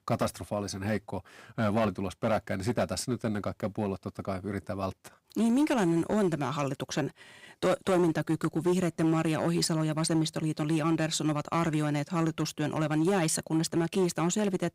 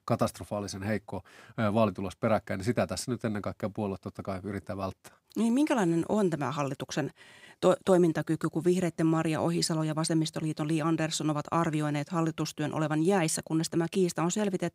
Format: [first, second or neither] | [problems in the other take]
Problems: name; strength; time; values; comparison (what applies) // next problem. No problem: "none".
second | distortion; slight; 6% of the sound clipped